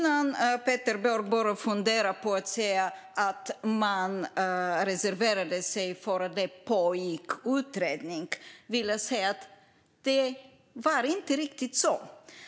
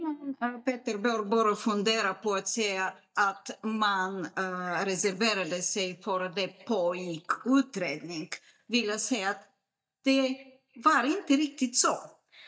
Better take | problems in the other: first | noise reduction (neural mask model DeepFilterNet 3)

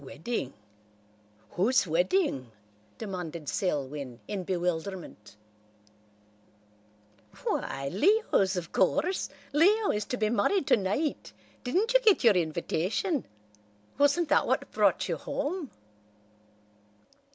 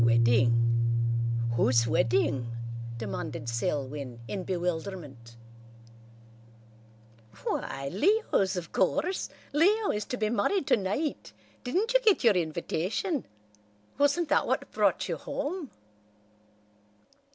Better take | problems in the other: first | background sound (Piano); 4 dB below the speech

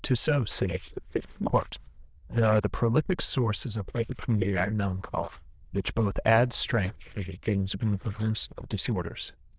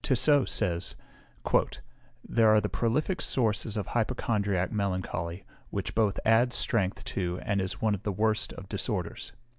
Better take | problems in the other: second | noise reduction (neural diffusion model UNIVERSE++)

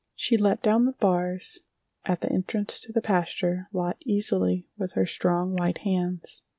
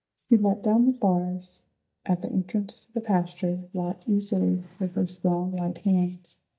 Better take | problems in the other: first | noise reduction (neural mask model DeepFilterNet 3)

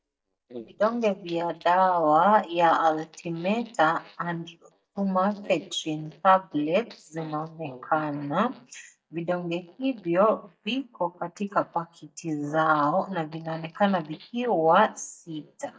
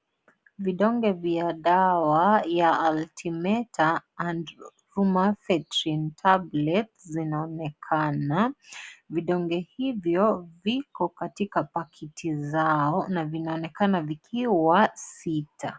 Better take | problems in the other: second | noise reduction (neural mask model DeepFilterNet 3)

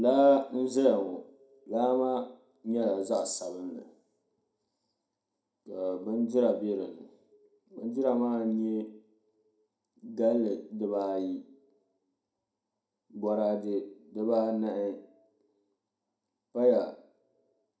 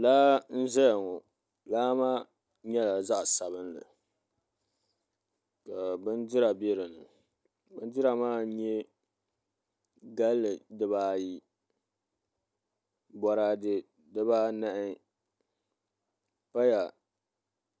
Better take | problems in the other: second | room echo; dies away in 0.4 s

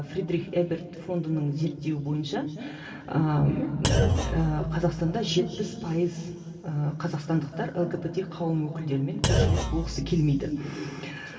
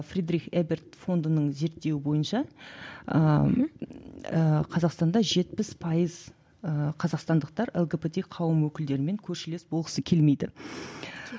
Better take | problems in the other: second | background sound (Thump, thud); 1 dB above the speech // room echo; dies away in 2.8 s

